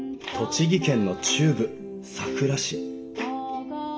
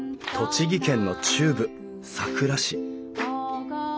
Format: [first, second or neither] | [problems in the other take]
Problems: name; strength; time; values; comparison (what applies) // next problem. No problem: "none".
second | room echo; dies away in 0.5 s